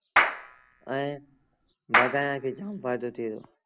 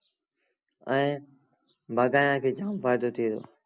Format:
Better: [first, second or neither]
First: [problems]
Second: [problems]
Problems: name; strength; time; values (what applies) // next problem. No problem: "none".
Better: second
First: background sound (Clapping); 3 dB above the speech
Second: none